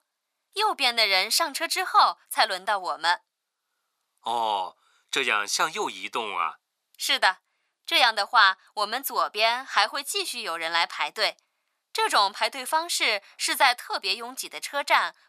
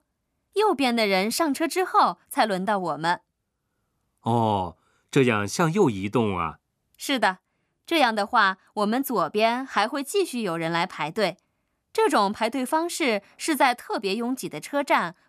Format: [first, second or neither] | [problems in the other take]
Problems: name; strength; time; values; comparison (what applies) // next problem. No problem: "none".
second | thin; very; fading below 900 Hz